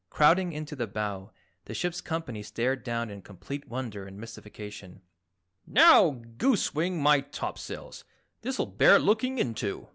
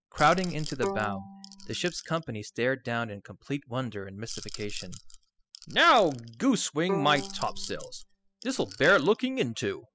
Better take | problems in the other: first | noise reduction (classical method spectral subtraction)

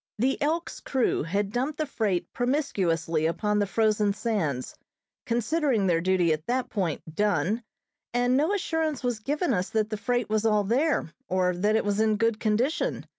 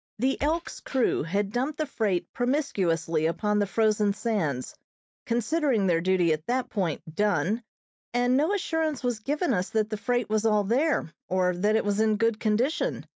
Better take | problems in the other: first | noise reduction (neural mask model DeepFilterNet 3)

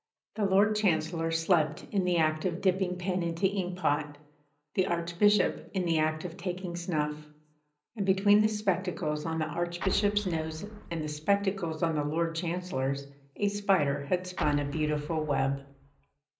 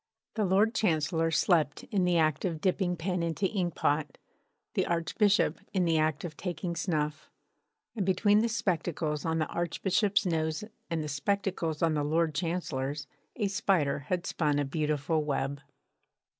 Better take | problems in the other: second | background sound (Explosion); 12 dB below the speech // room echo; dies away in 0.5 s

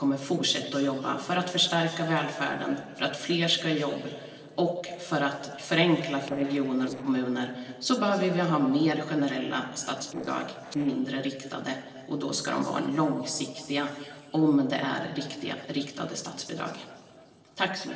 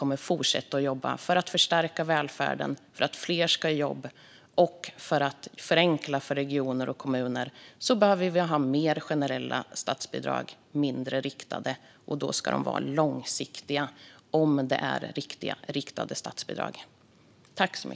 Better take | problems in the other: second | noise reduction (neural separator model SepFormer DNS4)

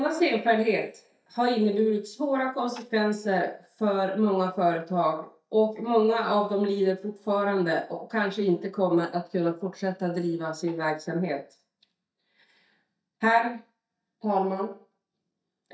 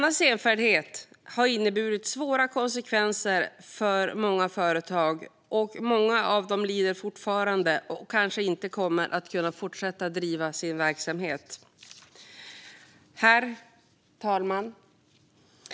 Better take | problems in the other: second | noise reduction (neural mask model DeepFilterNet 3)

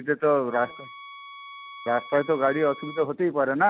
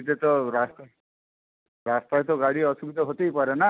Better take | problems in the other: second | background sound (Bowed string instrument); 18 dB below the speech

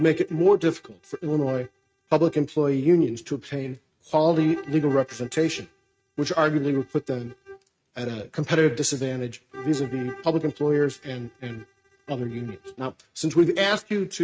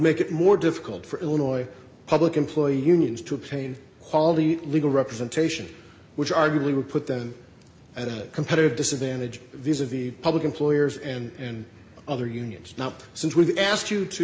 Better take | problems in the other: second | noise reduction (neural mask model RNNoise)

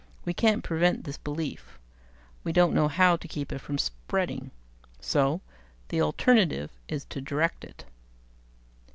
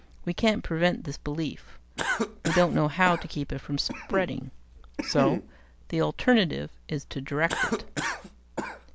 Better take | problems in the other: first | background sound (Cough); 7 dB below the speech

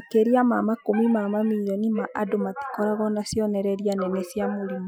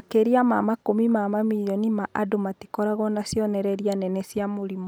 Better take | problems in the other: second | noise reduction (classical method Wiener filter)

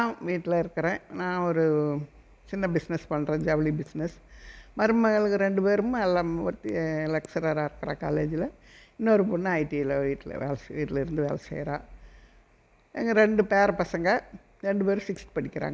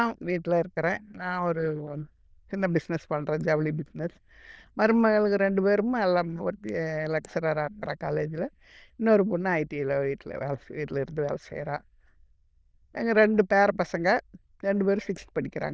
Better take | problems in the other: first | noise reduction (neural diffusion model UNIVERSE++)

